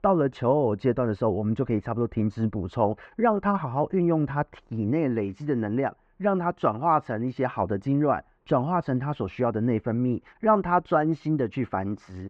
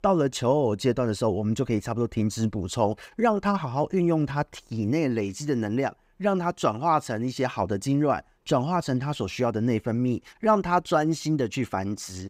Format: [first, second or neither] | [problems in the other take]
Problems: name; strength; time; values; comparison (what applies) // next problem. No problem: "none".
second | muffled; very; fading above 1.5 kHz